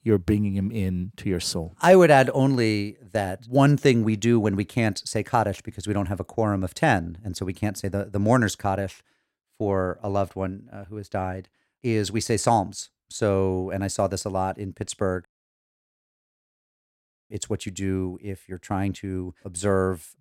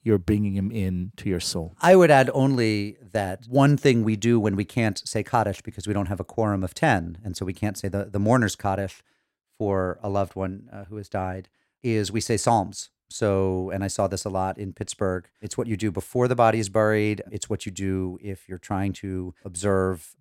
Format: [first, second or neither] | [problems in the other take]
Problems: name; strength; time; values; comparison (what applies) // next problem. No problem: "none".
second | audio cutting out; at 15 s for 2 s